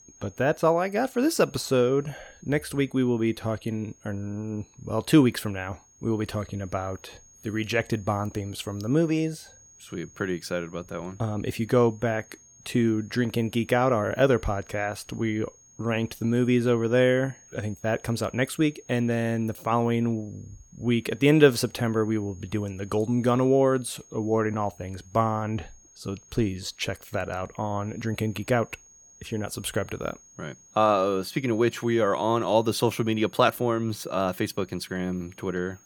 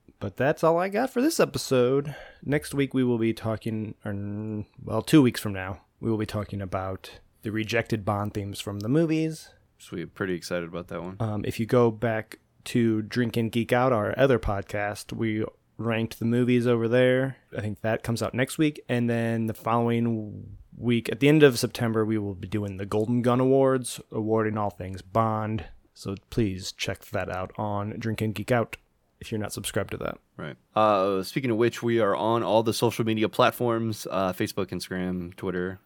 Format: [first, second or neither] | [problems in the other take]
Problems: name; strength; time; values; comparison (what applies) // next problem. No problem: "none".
second | high-pitched whine; faint; throughout; 6.5 kHz, 25 dB below the speech